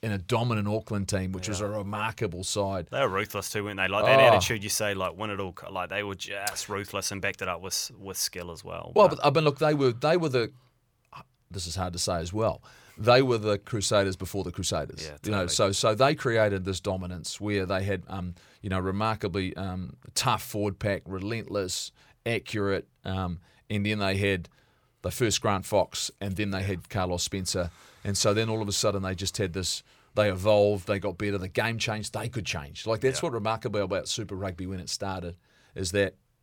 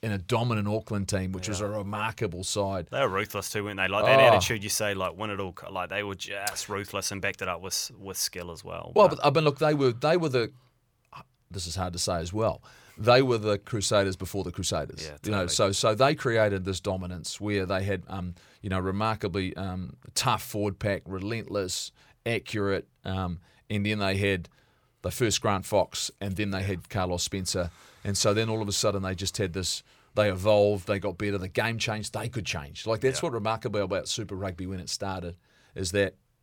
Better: neither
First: none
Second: none

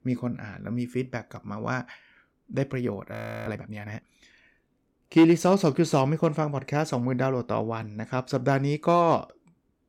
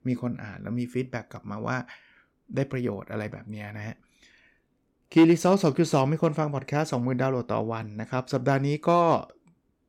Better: second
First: audio freezing; at 3 s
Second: none

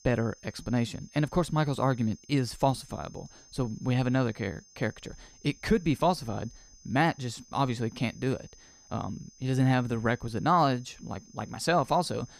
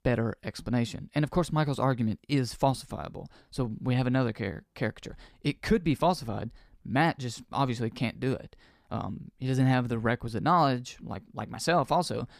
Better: second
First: high-pitched whine; faint; throughout; 6.5 kHz, 25 dB below the speech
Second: none

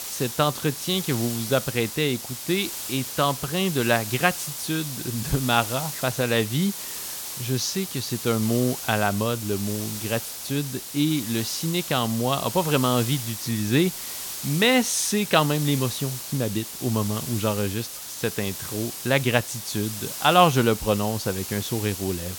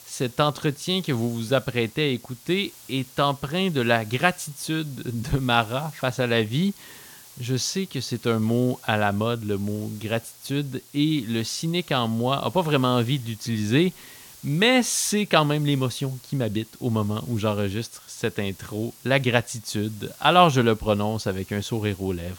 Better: second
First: hiss; loud; throughout; 7 dB below the speech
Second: hiss; faint; throughout; 20 dB below the speech

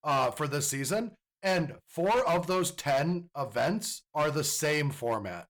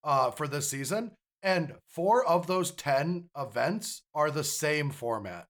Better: second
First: distortion; slight; 9% of the sound clipped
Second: none

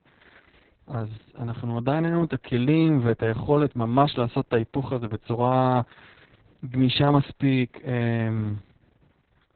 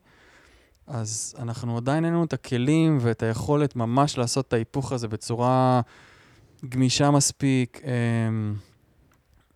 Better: second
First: garbled, watery; badly; nothing above 4 kHz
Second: none

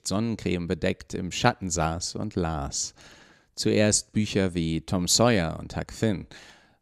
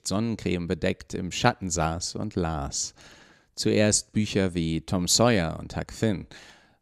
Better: neither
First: none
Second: none

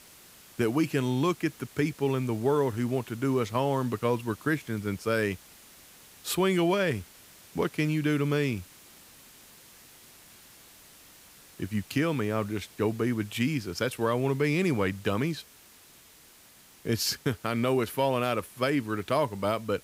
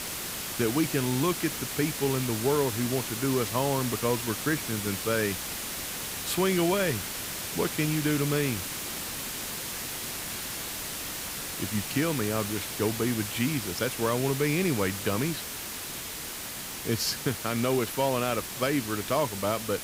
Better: first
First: hiss; faint; throughout; 20 dB below the speech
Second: hiss; loud; throughout; 4 dB below the speech

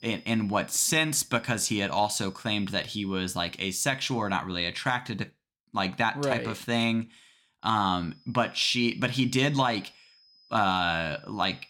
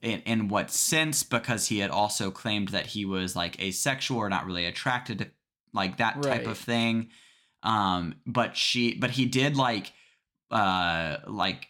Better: second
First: high-pitched whine; faint; until 4.5 s and from 7.5 s on; 5 kHz, 30 dB below the speech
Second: none

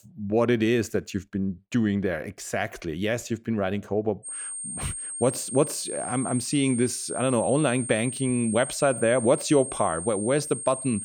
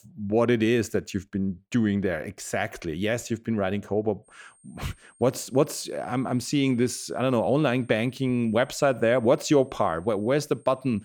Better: second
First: high-pitched whine; loud; from 4.5 s on; 8.5 kHz, 7 dB below the speech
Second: high-pitched whine; faint; from 4.5 s on; 8.5 kHz, 35 dB below the speech

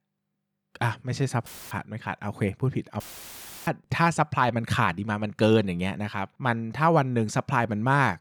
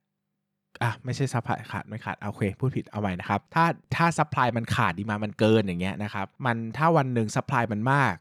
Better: second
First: audio cutting out; filled with static; at 1.5 s and at 3 s for 0.5 s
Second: none

